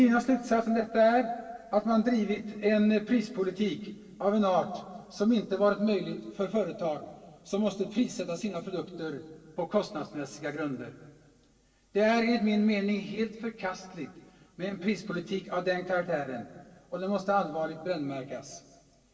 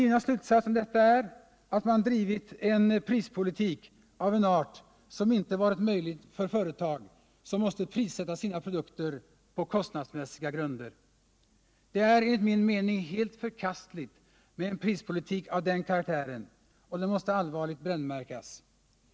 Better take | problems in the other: second | room echo; dies away in 1.6 s

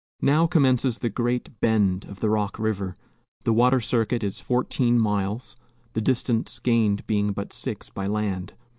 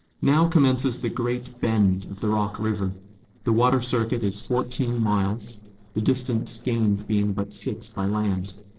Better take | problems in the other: first | noise reduction (neural separator model SepFormer DNS4)

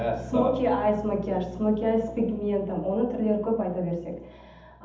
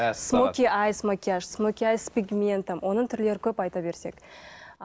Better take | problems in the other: second | background sound (Bass guitar); 17 dB below the speech // room echo; dies away in 0.8 s

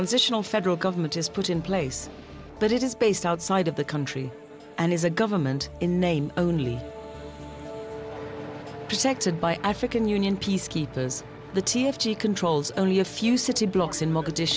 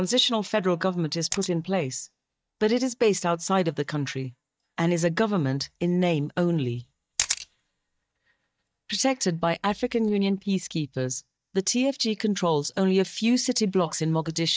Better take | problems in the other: first | noise reduction (neural mask model DeepFilterNet 3)

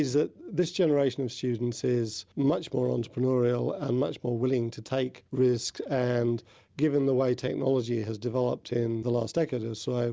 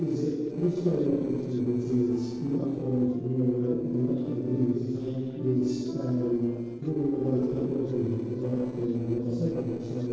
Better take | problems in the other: first | noise reduction (neural separator model SepFormer DNS4)

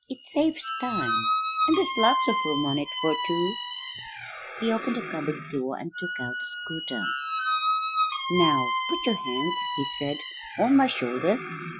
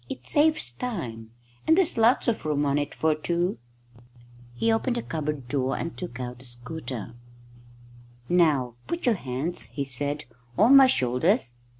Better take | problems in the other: second | noise reduction (classical method Wiener filter)

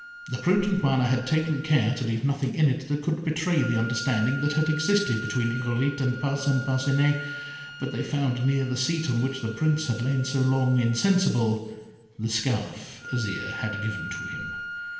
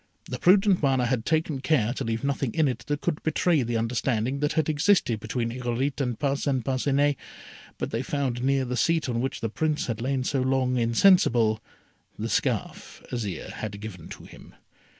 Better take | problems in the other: second | background sound (Wind instrument, woodwind instrument); 13 dB below the speech // room echo; dies away in 1.1 s

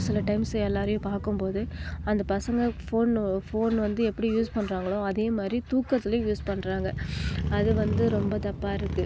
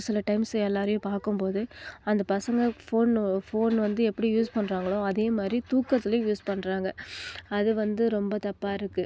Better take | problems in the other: second | background sound (Motorcycle / Crow); 6 dB below the speech

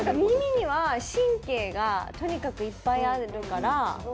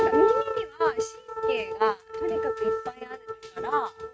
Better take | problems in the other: first | noise reduction (neural mask model RNNoise)

